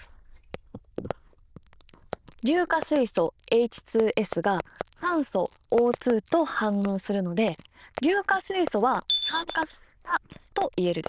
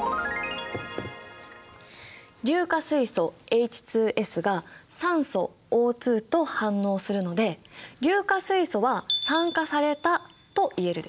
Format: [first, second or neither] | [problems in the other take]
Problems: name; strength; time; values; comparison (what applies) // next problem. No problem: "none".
second | noise reduction (neural diffusion model UNIVERSE++)